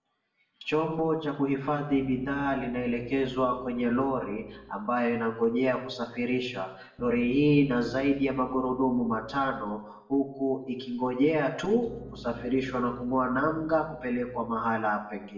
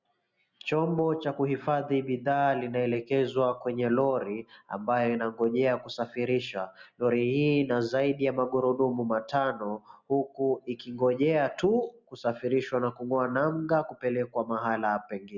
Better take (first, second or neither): second